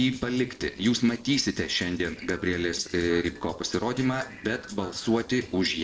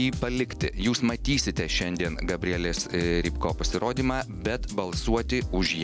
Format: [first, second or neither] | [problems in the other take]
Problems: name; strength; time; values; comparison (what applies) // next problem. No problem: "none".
second | noise reduction (neural separator model SepFormer DNS4)